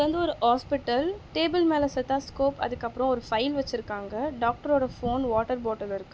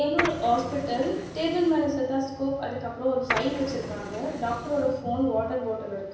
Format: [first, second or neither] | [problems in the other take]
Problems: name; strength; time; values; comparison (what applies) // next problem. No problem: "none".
first | background sound (Printer); 8 dB below the speech // room echo; dies away in 0.9 s